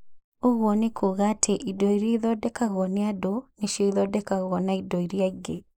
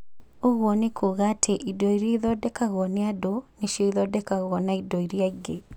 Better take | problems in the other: second | noise reduction (neural mask model Resemble Enhance denoiser)

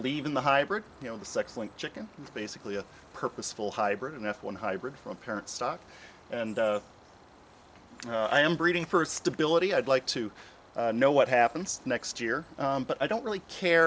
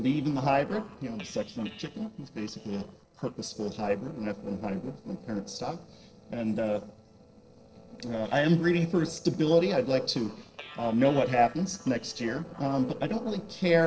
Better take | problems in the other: first | noise reduction (neural separator model SepFormer DNS4)

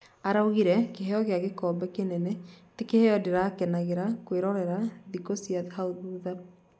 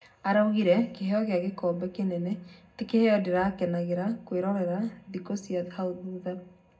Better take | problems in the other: first | room echo; dies away in 0.3 s

